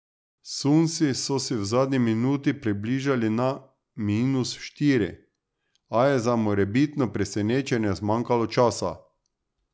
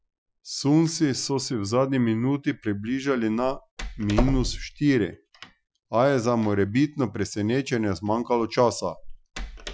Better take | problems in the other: first | noise reduction (classical method Wiener filter)

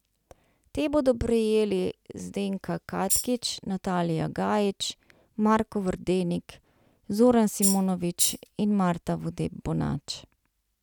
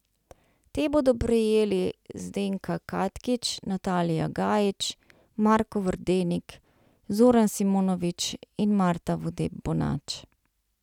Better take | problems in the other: second | background sound (Tambourine); 1 dB below the speech

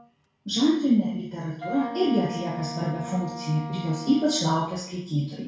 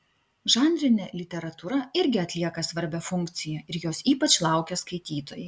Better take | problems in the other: second | background sound (Wind instrument, woodwind instrument); 13 dB below the speech // room echo; dies away in 0.6 s

